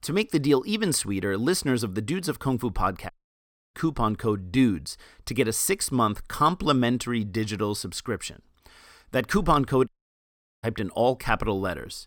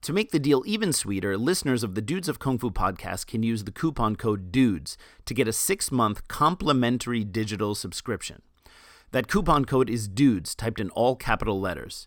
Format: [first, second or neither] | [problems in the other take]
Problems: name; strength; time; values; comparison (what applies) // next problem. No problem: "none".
second | audio cutting out; at 3 s for 0.5 s and at 10 s for 1 s